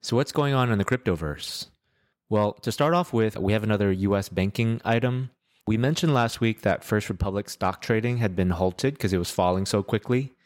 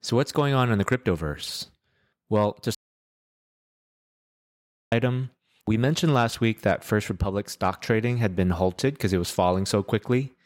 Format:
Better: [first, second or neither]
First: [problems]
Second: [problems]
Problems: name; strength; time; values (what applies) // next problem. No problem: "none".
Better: first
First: none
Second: audio cutting out; at 3 s for 2 s